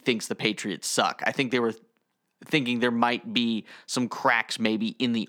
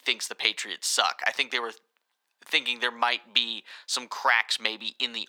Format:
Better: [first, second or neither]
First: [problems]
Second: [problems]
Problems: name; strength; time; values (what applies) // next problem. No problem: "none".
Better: first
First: none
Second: thin; very; fading below 850 Hz